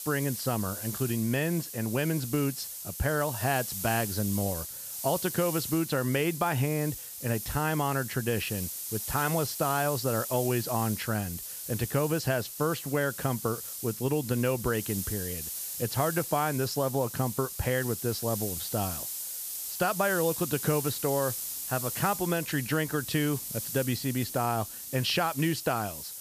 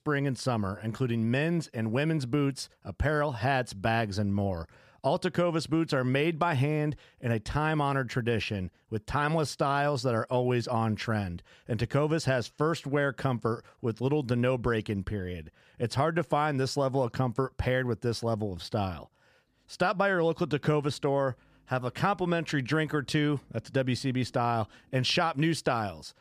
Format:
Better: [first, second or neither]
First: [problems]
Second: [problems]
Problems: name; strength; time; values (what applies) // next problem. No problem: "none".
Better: second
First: hiss; loud; throughout; 5 dB below the speech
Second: none